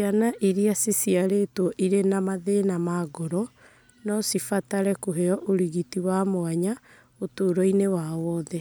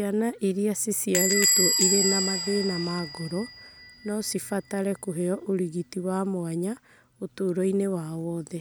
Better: first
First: none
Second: background sound (Squeak / Bell); 3 dB below the speech

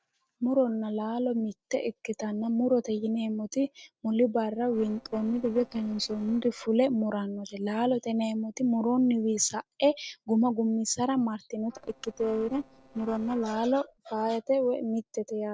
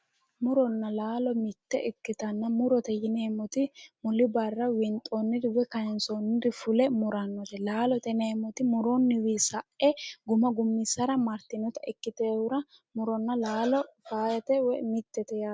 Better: second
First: noise reduction (neural separator model SepFormer DNS4)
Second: none

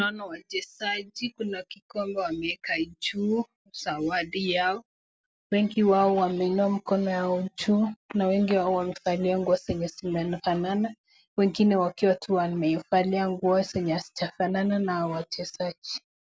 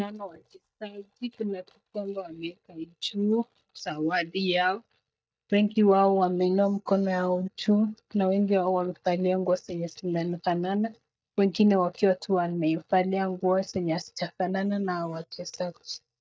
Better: first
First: none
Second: noise reduction (neural mask model DeepFilterNet 3)

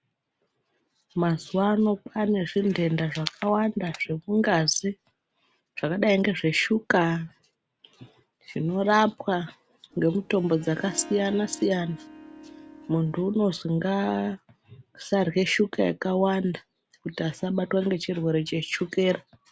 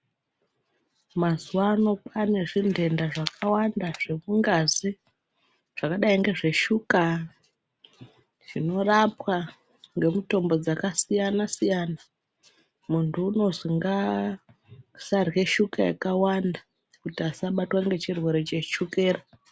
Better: second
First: background sound (Harp); 18 dB below the speech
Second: none

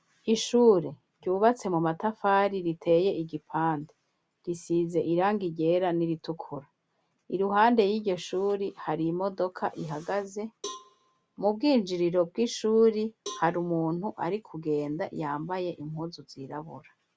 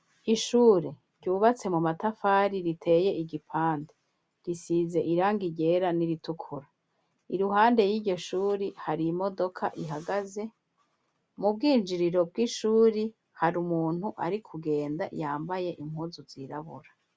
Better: second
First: background sound (Cowbell); 19 dB below the speech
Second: none

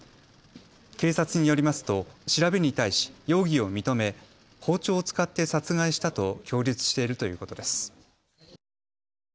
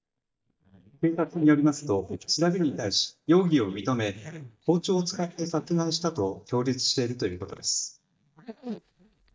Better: first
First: none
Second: noise reduction (neural mask model DeepFilterNet 3)

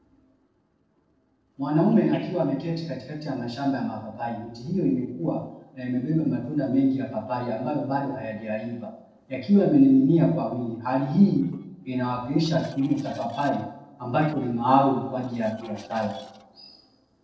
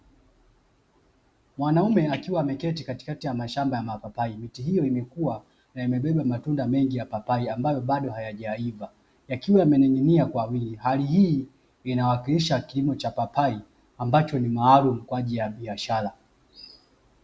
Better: second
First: noise reduction (neural separator model SepFormer DNS4)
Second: none

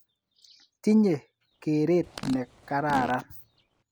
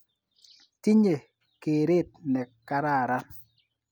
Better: second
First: background sound (Fart); 13 dB below the speech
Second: none

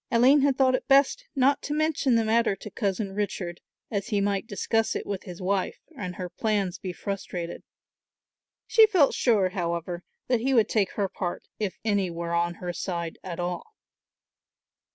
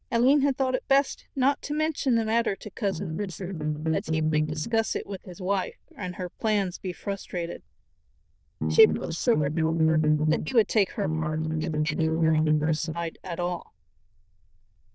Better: first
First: none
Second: noise reduction (neural diffusion model UNIVERSE++)

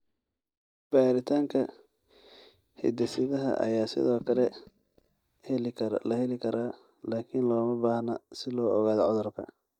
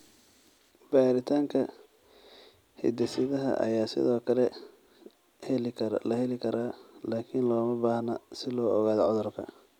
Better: second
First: noise reduction (neural mask model DeepFilterNet 3)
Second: none

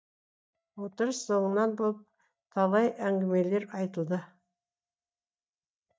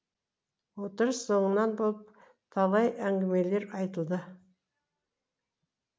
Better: second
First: noise reduction (neural mask model DeepFilterNet 3)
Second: none

